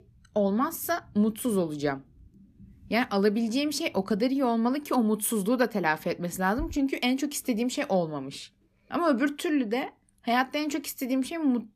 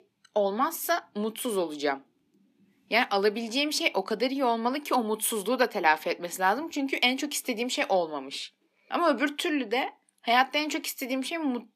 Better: first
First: none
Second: thin; somewhat; fading below 300 Hz

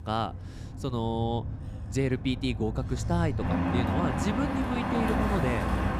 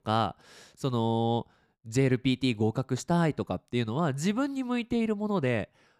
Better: second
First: traffic noise; loud; throughout; as loud as the speech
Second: none

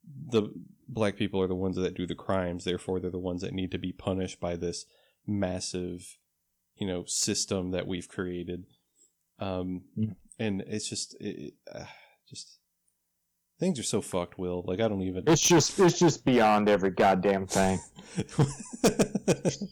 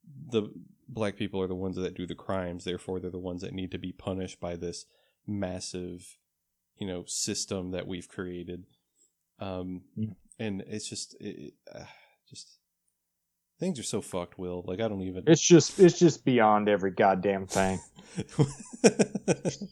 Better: second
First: distortion; heavy; 2% of the sound clipped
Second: none

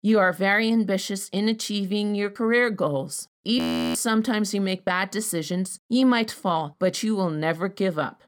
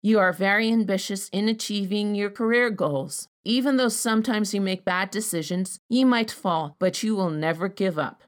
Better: second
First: audio freezing; at 3.5 s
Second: none

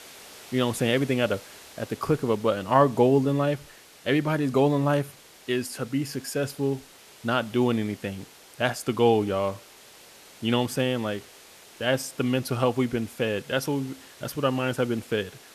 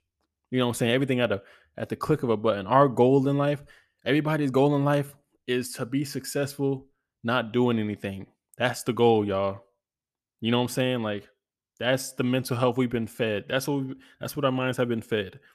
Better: second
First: hiss; faint; throughout; 20 dB below the speech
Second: none

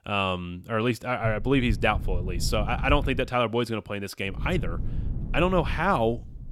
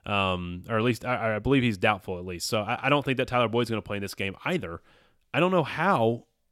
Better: second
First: low rumble; faint; from 1.5 to 3 s and from 4.5 s on; 20 dB below the speech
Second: none

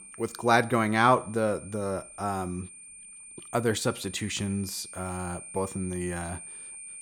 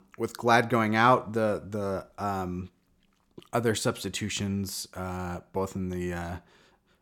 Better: second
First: high-pitched whine; noticeable; throughout; 9 kHz, 15 dB below the speech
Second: none

